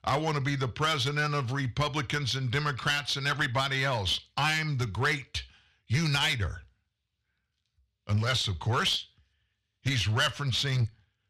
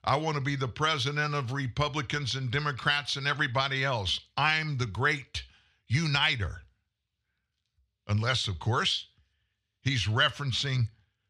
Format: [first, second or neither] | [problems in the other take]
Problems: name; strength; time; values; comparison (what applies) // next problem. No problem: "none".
second | distortion; slight; 5% of the sound clipped